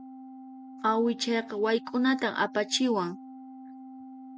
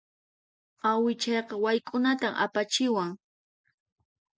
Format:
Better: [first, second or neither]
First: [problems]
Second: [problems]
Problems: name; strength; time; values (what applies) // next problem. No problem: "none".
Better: second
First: background sound (Organ); 15 dB below the speech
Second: none